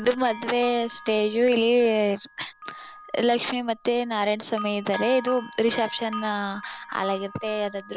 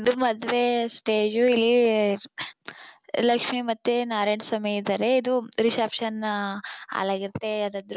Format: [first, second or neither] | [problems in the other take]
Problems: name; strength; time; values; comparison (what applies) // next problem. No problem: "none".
second | background sound (Bell); 15 dB below the speech